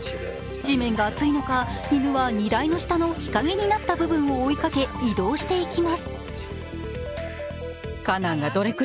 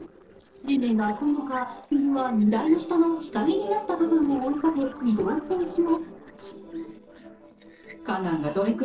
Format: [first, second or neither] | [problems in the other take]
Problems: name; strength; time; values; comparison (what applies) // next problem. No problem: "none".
first | noise reduction (neural separator model SepFormer DNS4)